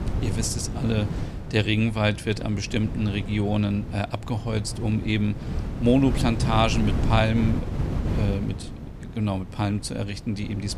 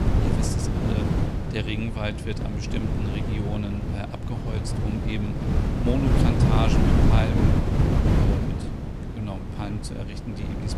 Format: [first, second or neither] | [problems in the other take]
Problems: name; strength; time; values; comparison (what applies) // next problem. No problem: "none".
first | wind noise on the microphone; heavy; 2 dB above the speech; occasional gusts in the first